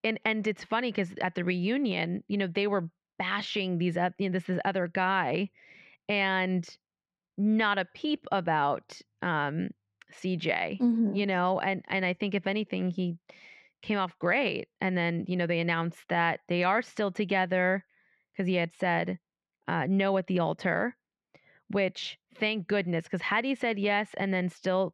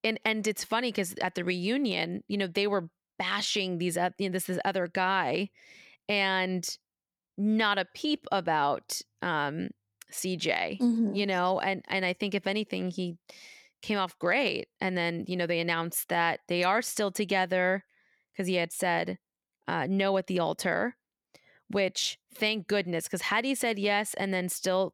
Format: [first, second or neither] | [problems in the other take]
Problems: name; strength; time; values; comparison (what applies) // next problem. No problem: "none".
second | muffled; slightly; fading above 2.5 kHz